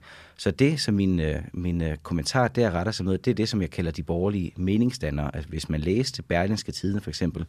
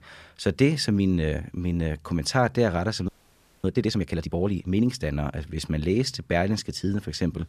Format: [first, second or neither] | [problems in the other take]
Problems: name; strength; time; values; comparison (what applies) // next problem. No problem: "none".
first | audio freezing; at 3 s for 0.5 s